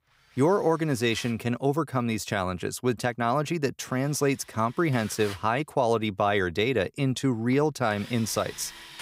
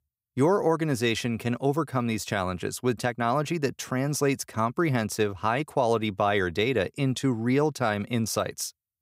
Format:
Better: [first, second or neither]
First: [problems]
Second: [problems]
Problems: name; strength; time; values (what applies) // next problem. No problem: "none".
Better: second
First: machinery noise; noticeable; throughout; 20 dB below the speech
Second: none